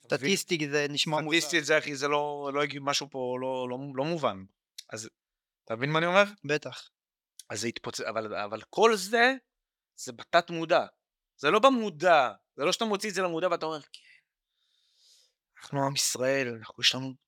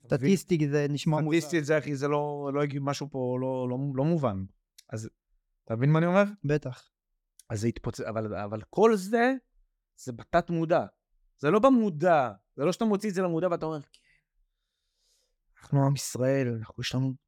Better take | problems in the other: second | thin; somewhat; fading below 800 Hz

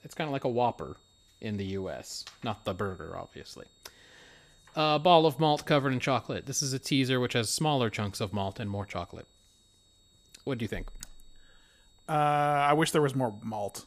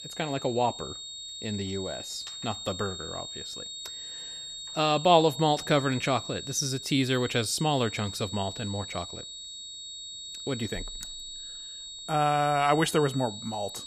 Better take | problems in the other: first | high-pitched whine; loud; throughout; 3.5 kHz, 10 dB below the speech; faint in the first

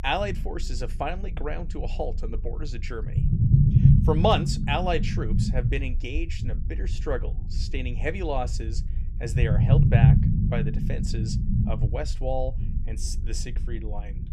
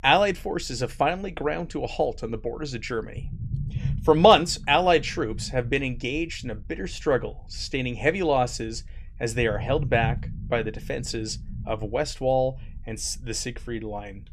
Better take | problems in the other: second | low rumble; loud; throughout; 3 dB below the speech; faint in the second

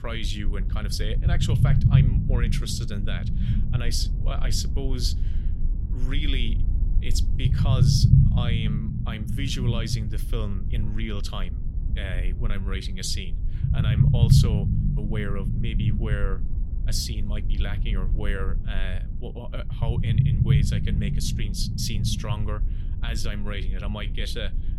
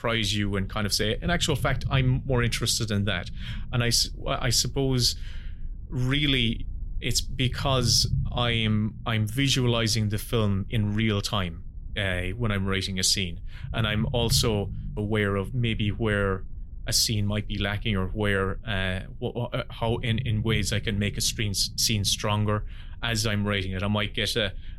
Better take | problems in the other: second | low rumble; loud; throughout; 3 dB below the speech; faint in the second

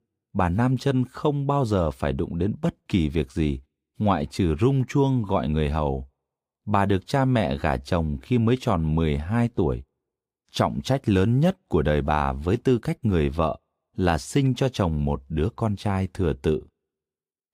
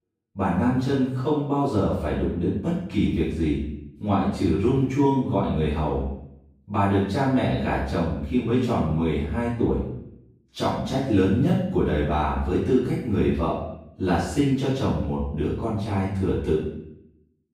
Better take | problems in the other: first | room echo; noticeable; dies away in 0.6 s // off-mic speech; far

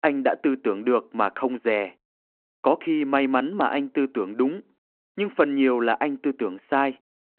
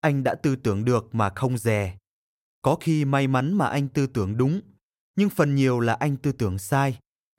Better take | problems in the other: second | phone-call audio

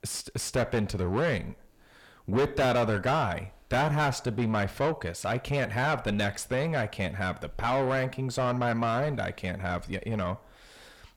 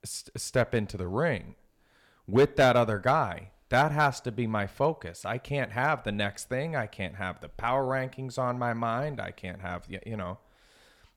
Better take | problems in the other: second | distortion; heavy; 6 dB below the speech

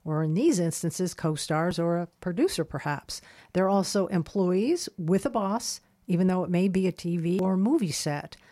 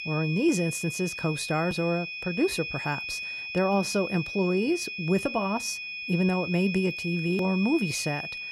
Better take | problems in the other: first | high-pitched whine; loud; throughout; 2.5 kHz, 5 dB below the speech

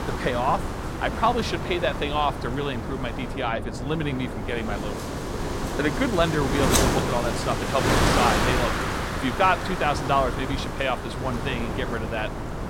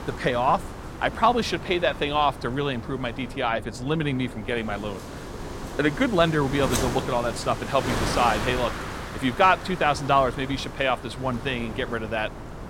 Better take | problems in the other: second | wind noise on the microphone; heavy; 2 dB below the speech; occasional gusts in the second

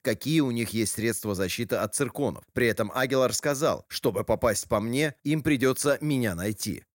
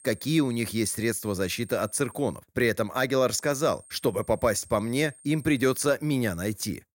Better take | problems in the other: first | high-pitched whine; faint; until 2.5 s and from 3.5 to 6 s; 8.5 kHz, 25 dB below the speech

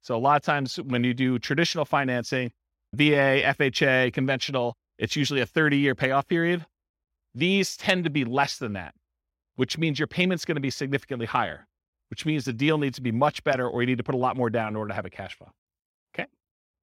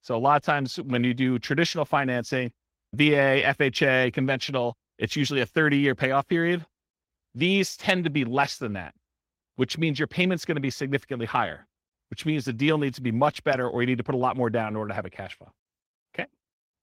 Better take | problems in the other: first | garbled, watery; slightly; nothing above 16 kHz

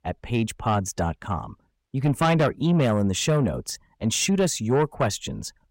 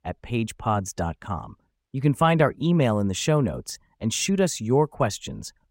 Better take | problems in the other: second | distortion; slight; 10 dB below the speech

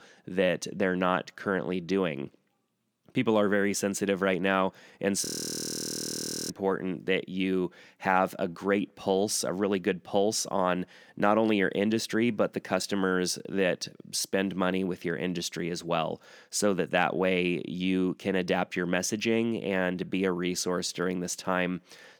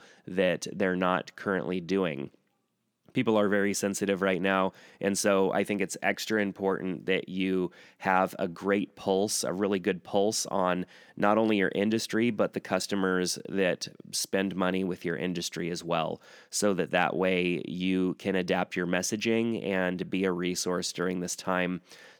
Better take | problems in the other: second | audio freezing; at 5.5 s for 1.5 s

